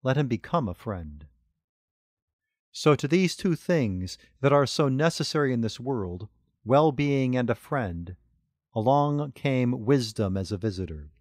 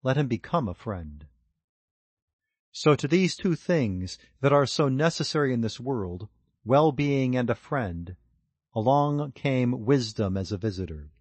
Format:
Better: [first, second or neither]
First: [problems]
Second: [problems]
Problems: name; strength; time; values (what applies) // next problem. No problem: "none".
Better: first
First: none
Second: garbled, watery; slightly; nothing above 8 kHz